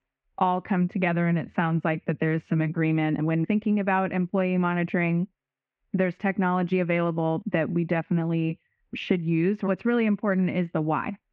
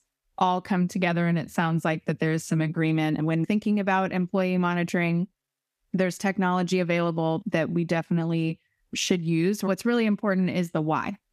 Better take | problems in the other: second | muffled; very; fading above 2.5 kHz

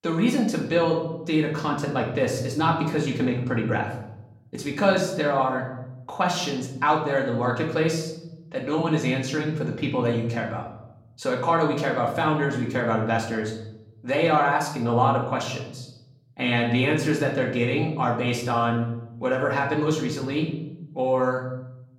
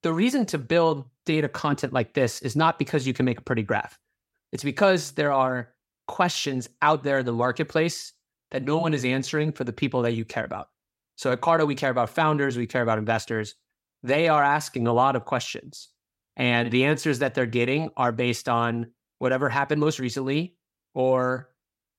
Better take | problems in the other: second | room echo; slight; dies away in 0.9 s // off-mic speech; far

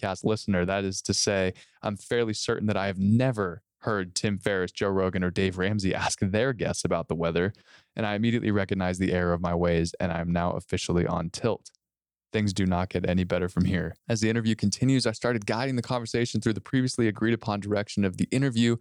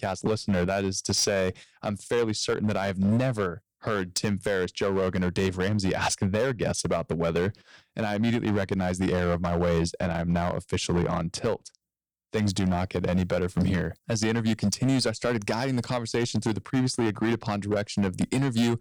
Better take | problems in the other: first | distortion; slight; 7% of the sound clipped

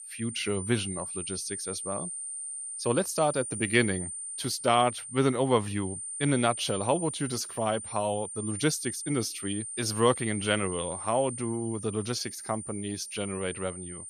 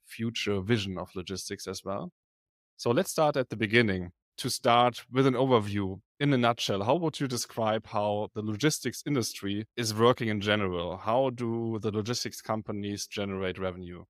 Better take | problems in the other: second | high-pitched whine; loud; throughout; 9 kHz, 6 dB below the speech

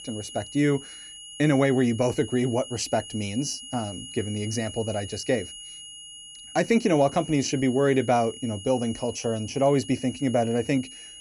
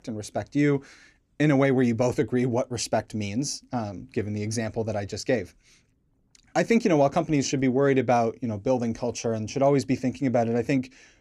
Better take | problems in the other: second | high-pitched whine; noticeable; throughout; 3 kHz, 15 dB below the speech

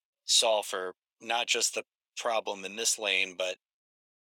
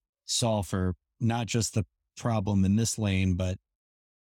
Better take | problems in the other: second | thin; very; fading below 500 Hz

